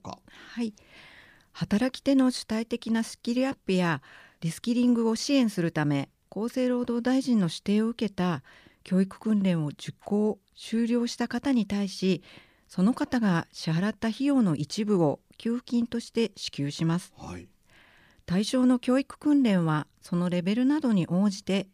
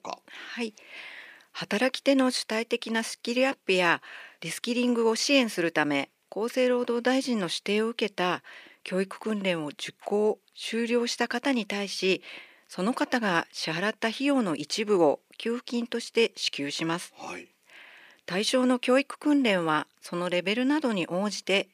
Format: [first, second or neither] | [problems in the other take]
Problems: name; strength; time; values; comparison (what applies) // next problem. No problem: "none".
first | thin; somewhat; fading below 400 Hz